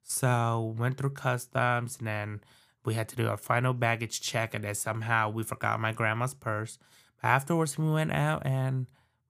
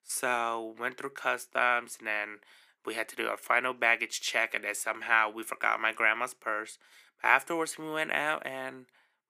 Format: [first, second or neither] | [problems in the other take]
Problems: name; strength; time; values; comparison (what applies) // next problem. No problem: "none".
first | thin; very; fading below 300 Hz